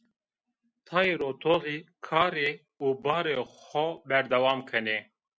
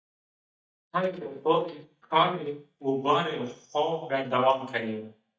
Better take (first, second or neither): first